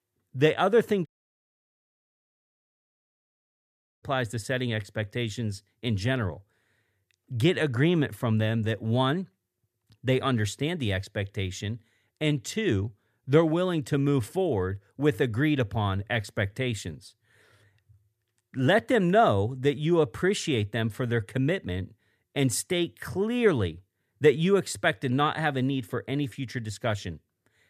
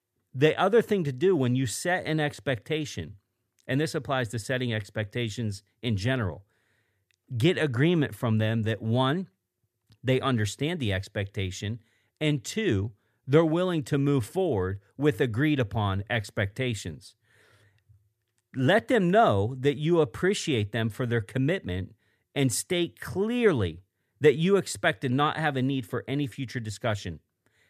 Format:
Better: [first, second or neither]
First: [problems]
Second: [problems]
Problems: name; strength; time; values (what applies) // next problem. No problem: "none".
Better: second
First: audio cutting out; at 1 s for 3 s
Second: none